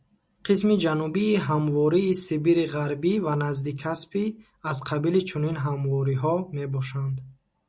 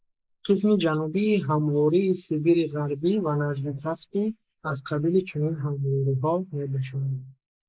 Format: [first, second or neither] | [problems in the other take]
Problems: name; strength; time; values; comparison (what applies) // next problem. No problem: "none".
first | noise reduction (neural mask model Resemble Enhance denoiser)